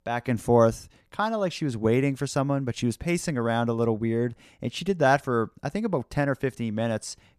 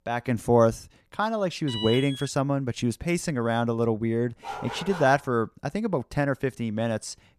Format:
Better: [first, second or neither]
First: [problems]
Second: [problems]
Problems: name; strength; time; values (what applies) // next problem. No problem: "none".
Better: first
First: none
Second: alarm; noticeable; at 1.5 s; peak 5 dB below the speech // dog barking; noticeable; at 4.5 s; peak 10 dB below the speech